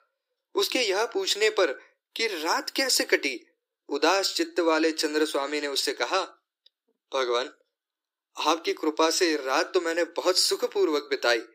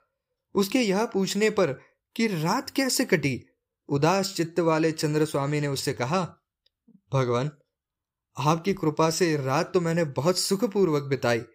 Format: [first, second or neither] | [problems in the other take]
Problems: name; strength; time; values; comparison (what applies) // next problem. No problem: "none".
second | thin; very; fading below 300 Hz